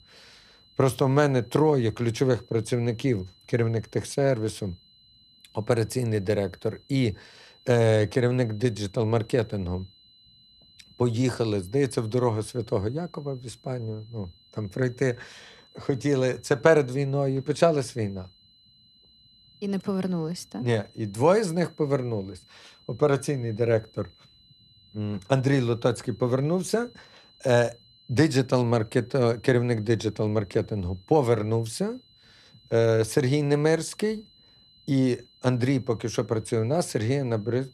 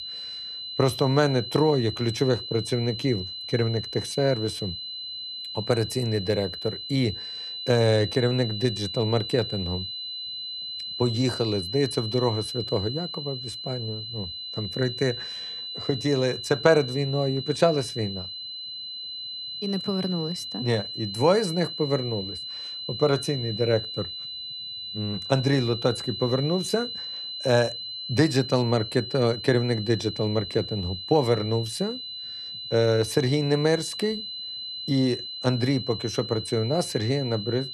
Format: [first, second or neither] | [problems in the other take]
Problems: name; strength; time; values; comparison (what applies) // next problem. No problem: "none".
first | high-pitched whine; loud; throughout; 4 kHz, 7 dB below the speech; faint in the first